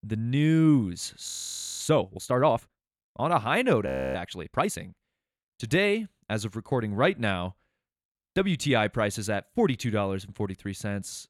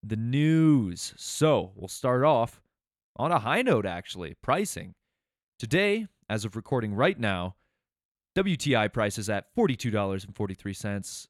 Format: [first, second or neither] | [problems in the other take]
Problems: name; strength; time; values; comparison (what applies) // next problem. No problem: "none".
second | audio freezing; at 1.5 s for 0.5 s and at 4 s